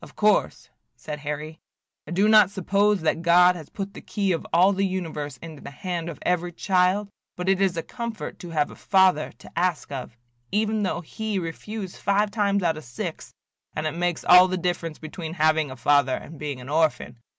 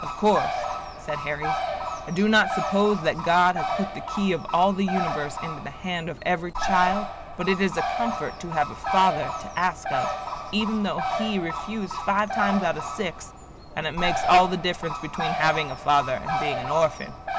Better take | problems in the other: first | background sound (Bird); 5 dB below the speech

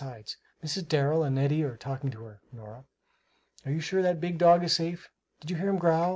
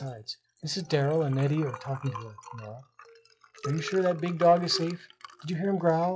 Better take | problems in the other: first | noise reduction (classical method log-MMSE)

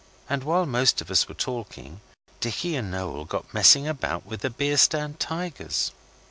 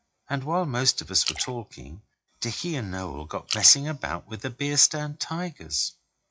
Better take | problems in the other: first | noise reduction (classical method WPE with log-MMSE)

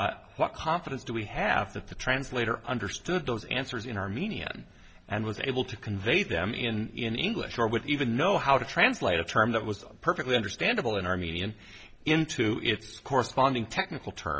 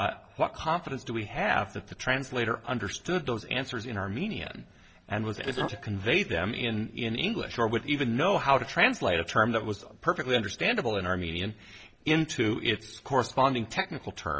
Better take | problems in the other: first | noise reduction (neural separator model SepFormer DNS4)

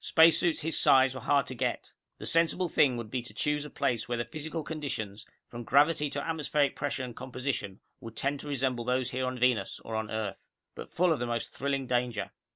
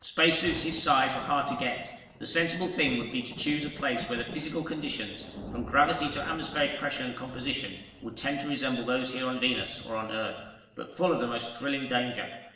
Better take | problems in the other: first | background sound (Thunder); 16 dB below the speech // room echo; dies away in 1 s

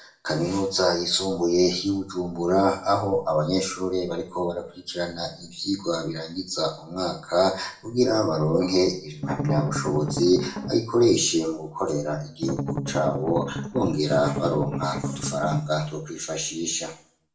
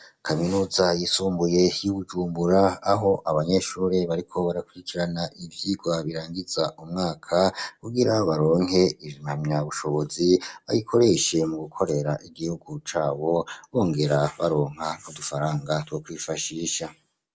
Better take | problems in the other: second | background sound (Strum); 5 dB below the speech // room echo; dies away in 0.4 s

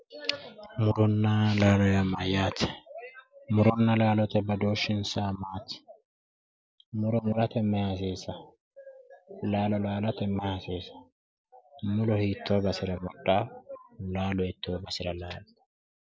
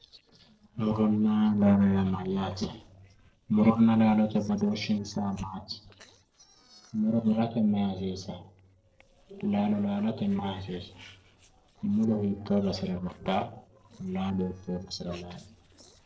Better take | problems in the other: first | noise reduction (neural separator model SepFormer DNS4)

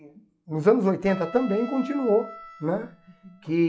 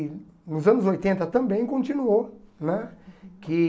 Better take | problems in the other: second | noise reduction (classical method log-MMSE)

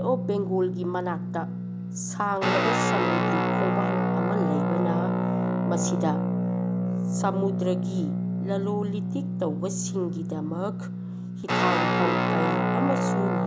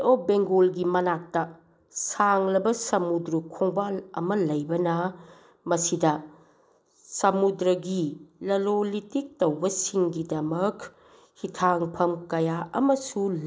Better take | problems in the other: second | background sound (Guitar); 5 dB above the speech

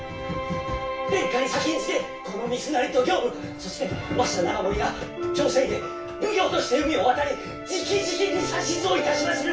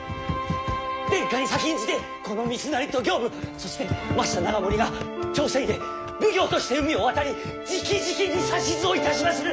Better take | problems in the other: second | room echo; dies away in 0.2 s

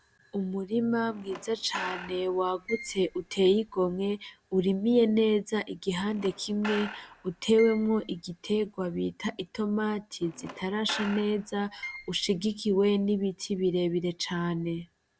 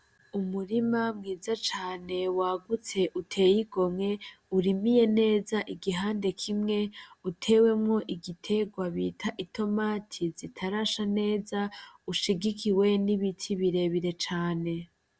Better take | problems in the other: second | background sound (Squeak / Screech); 15 dB below the speech

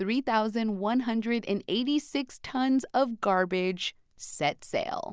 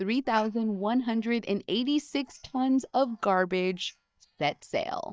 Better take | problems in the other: first | noise reduction (neural mask model DeepFilterNet 3)

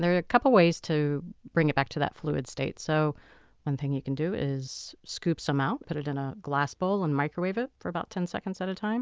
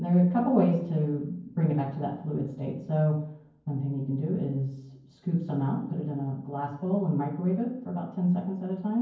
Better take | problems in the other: first | room echo; dies away in 0.9 s

